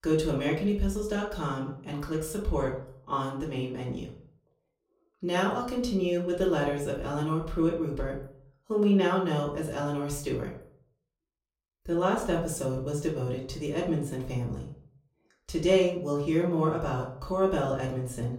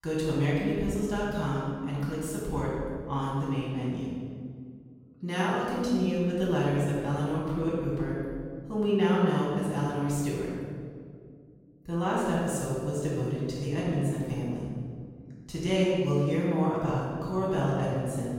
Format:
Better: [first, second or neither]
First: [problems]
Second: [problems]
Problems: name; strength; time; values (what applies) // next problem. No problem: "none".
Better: first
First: room echo; slight; dies away in 0.4 s // off-mic speech; far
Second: room echo; strong; dies away in 1.8 s // off-mic speech; far